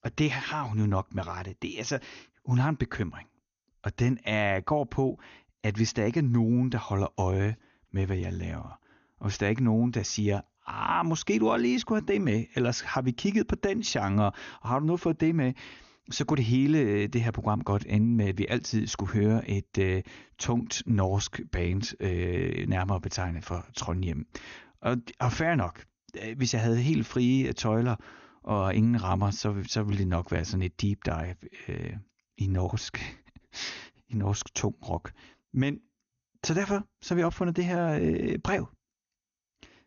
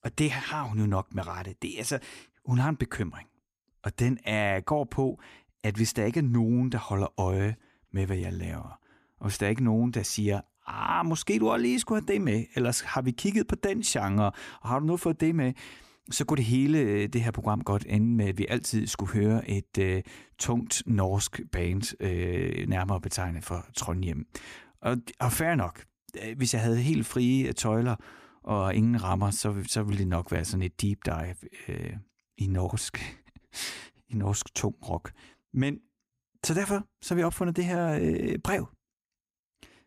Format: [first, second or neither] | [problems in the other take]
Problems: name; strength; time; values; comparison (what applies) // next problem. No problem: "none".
second | garbled, watery; slightly; nothing above 6.5 kHz